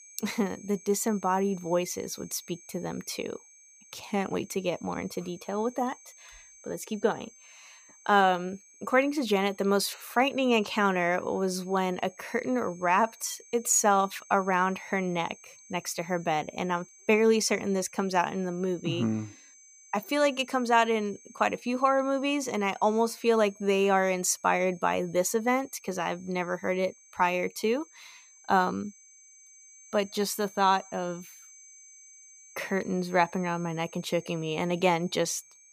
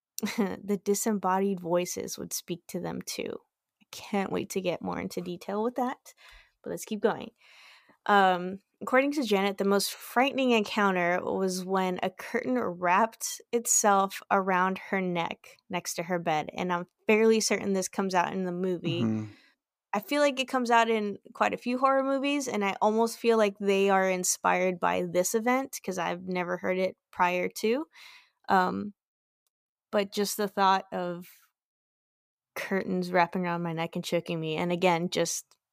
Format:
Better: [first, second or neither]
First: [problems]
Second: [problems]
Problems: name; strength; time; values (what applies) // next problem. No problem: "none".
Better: second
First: high-pitched whine; faint; throughout; 6.5 kHz, 25 dB below the speech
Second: none